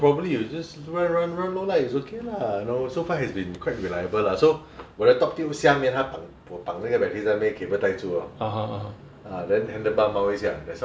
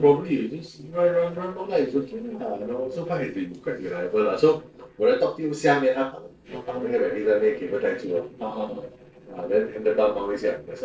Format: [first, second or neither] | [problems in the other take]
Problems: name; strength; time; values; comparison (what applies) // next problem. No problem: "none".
first | noise reduction (neural separator model SepFormer DNS4)